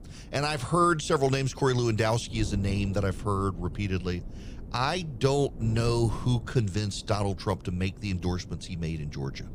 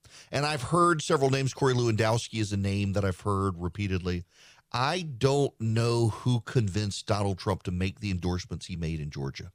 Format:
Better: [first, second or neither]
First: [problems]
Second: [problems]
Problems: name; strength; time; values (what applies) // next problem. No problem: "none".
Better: second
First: wind noise on the microphone; occasional gusts; 20 dB below the speech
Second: none